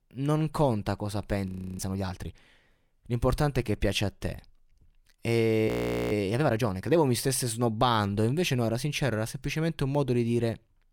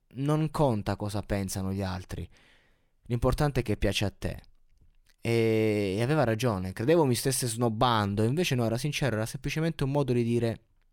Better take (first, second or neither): second